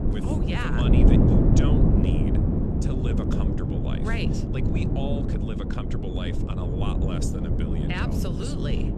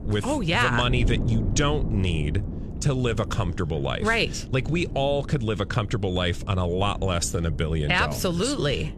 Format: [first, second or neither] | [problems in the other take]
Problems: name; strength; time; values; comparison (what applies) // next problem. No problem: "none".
second | wind noise on the microphone; heavy; 4 dB above the speech; occasional gusts in the second